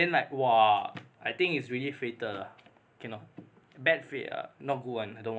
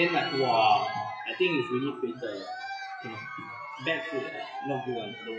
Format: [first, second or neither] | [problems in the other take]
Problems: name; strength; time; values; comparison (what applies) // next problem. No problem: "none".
first | noise reduction (classical method WPE with log-MMSE)